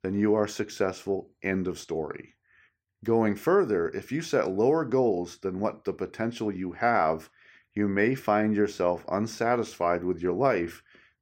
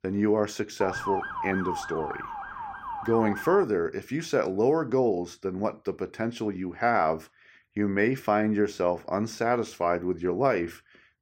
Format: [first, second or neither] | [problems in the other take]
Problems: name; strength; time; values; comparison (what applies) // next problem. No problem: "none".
first | siren; noticeable; from 1 to 3.5 s; peak 3 dB below the speech